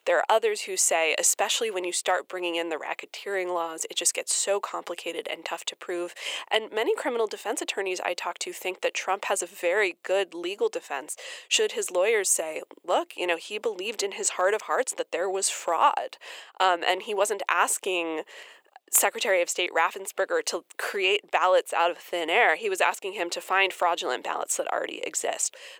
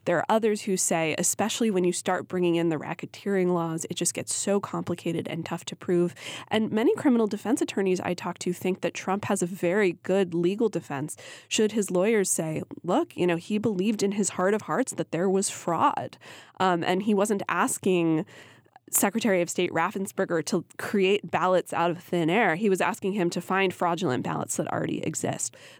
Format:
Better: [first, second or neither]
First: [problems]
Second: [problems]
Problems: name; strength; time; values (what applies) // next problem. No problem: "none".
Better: second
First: thin; very; fading below 500 Hz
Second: none